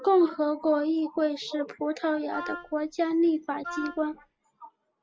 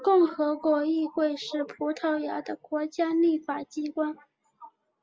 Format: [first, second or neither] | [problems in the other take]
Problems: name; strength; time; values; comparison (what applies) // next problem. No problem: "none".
second | background sound (Wind instrument, woodwind instrument); 12 dB below the speech